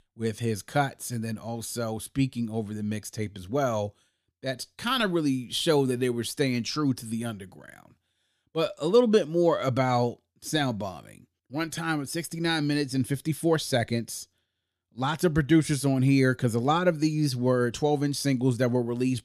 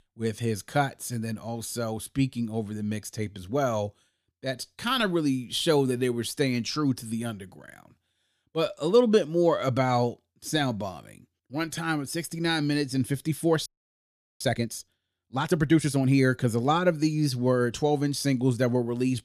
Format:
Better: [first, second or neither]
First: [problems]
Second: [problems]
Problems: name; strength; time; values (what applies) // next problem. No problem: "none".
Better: first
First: none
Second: audio freezing; at 14 s for 0.5 s